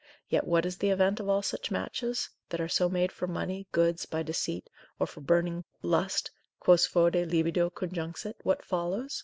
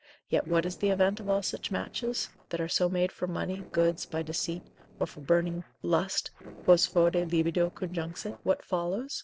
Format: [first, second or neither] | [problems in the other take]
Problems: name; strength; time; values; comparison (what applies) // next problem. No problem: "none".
first | noise reduction (neural separator model SepFormer DNS4)